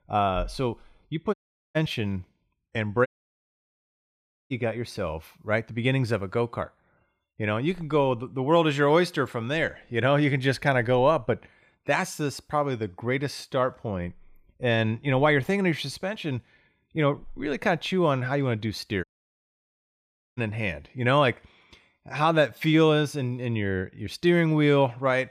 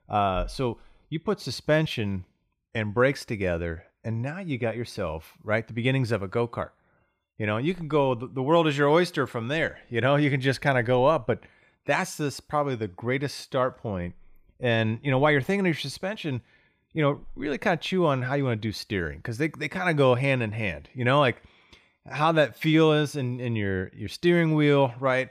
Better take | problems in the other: second | audio cutting out; at 1.5 s, at 3 s for 1.5 s and at 19 s for 1.5 s

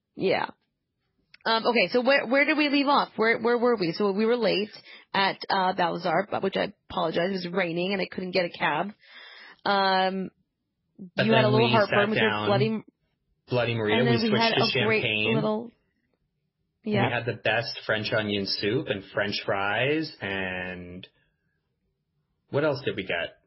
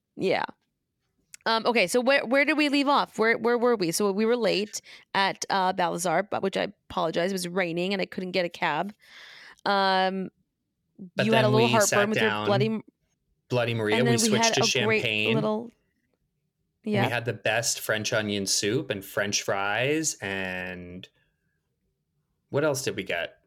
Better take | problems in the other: second | garbled, watery; badly; nothing above 5.5 kHz

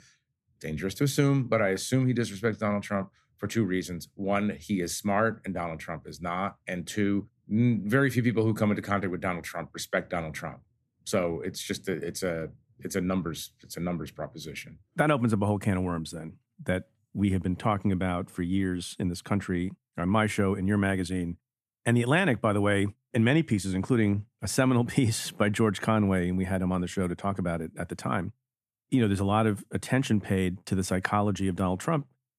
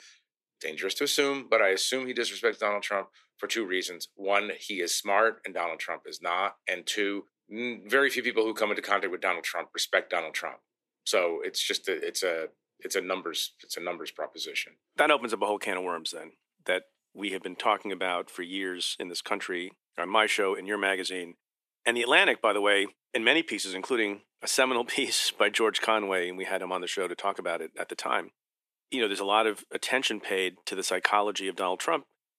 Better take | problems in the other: first | thin; very; fading below 400 Hz

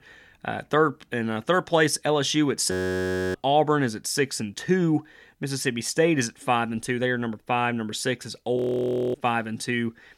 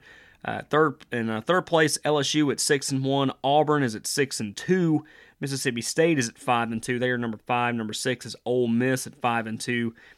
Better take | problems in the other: second | audio freezing; at 2.5 s for 0.5 s and at 8.5 s for 0.5 s

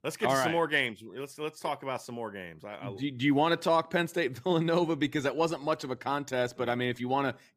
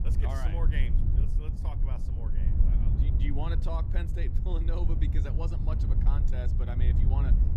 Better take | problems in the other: first | wind noise on the microphone; heavy; 3 dB below the speech

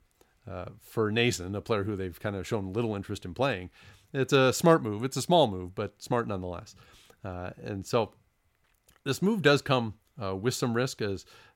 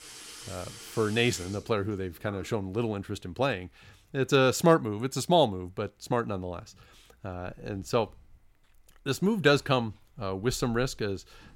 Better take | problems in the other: first | household noises; noticeable; throughout; 20 dB below the speech

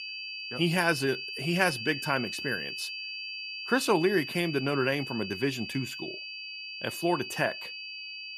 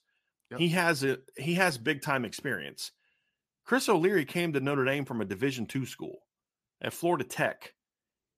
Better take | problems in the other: second | high-pitched whine; loud; throughout; 2.5 kHz, 7 dB below the speech

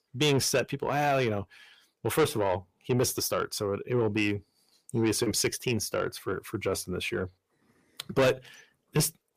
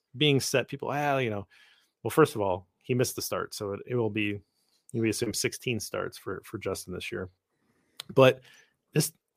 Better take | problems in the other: second | distortion; heavy; 7 dB below the speech

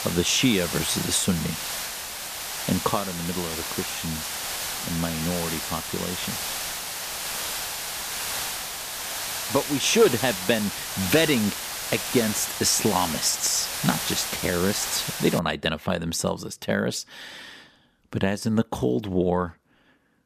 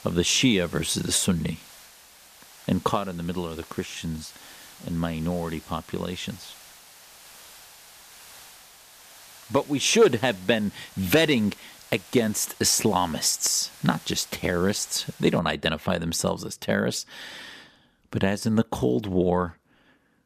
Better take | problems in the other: second | hiss; loud; until 15 s; 4 dB below the speech; faint in the second

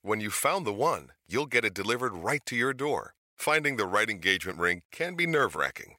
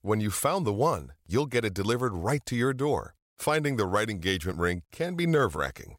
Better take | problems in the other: second | thin; somewhat; fading below 400 Hz

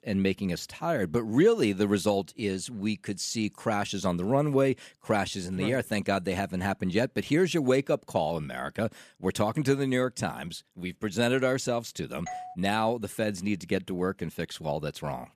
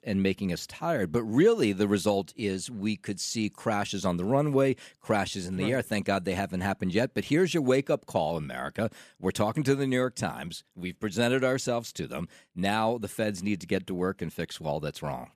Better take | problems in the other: second | doorbell; faint; at 12 s; peak 10 dB below the speech

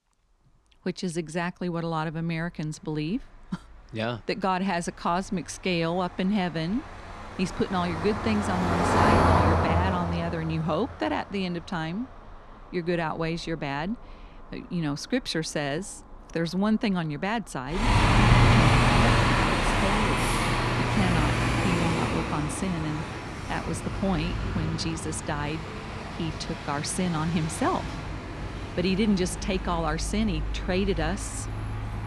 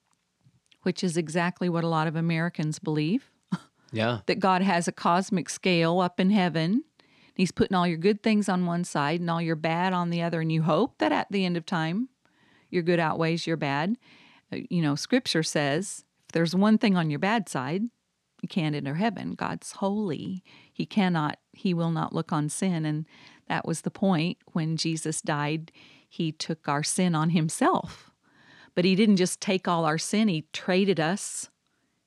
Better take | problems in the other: second | traffic noise; very loud; throughout; 3 dB above the speech

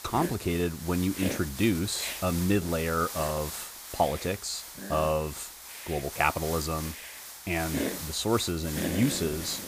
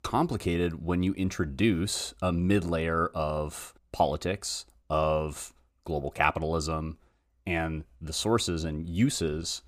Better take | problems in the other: second | hiss; loud; throughout; 7 dB below the speech

